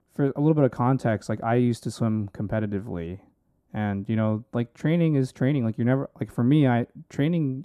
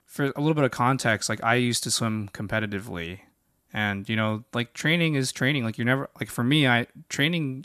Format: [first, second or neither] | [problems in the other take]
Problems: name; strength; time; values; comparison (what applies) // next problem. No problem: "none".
second | muffled; slightly; fading above 1 kHz